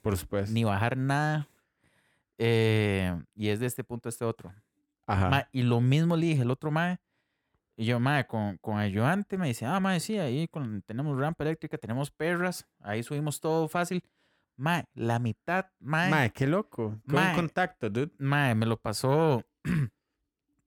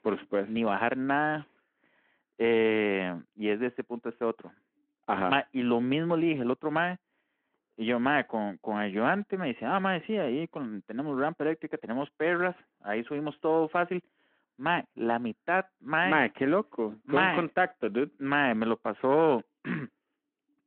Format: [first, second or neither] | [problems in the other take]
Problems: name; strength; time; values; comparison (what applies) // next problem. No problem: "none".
first | phone-call audio